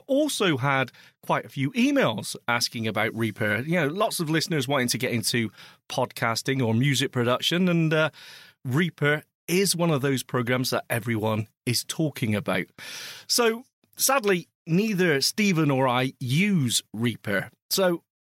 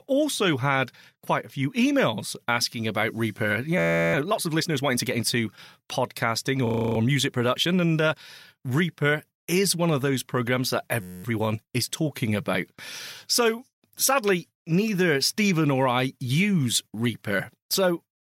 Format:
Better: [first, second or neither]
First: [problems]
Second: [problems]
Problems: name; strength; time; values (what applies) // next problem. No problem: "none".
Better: first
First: none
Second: audio freezing; at 4 s, at 6.5 s and at 11 s